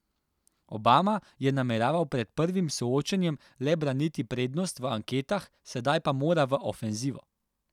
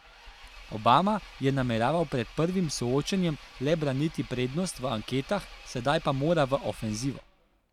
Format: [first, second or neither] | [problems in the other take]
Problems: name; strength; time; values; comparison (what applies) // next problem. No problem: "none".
first | background sound (Engine); 18 dB below the speech